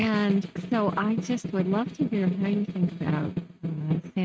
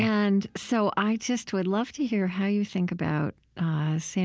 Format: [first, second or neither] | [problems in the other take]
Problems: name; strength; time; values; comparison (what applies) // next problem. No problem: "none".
second | noise reduction (neural mask model RNNoise)